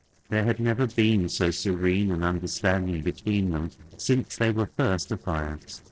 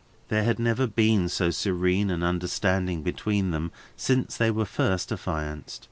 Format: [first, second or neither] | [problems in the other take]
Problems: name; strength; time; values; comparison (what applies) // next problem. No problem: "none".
second | noise reduction (neural separator model SepFormer DNS4)